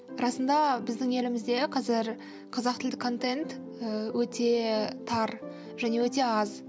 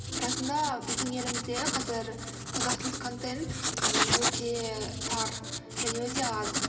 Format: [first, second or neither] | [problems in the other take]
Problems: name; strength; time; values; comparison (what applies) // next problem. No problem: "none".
first | background sound (Writing); 3 dB above the speech // room echo; dies away in 2.2 s